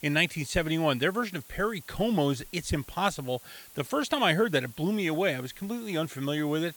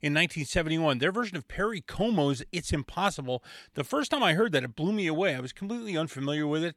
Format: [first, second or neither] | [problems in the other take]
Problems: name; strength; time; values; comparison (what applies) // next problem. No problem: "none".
second | hiss; noticeable; throughout; 20 dB below the speech